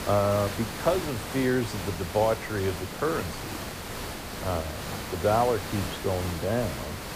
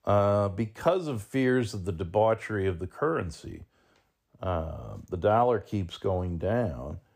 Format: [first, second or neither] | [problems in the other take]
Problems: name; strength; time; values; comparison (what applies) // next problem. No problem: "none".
second | hiss; loud; throughout; 6 dB below the speech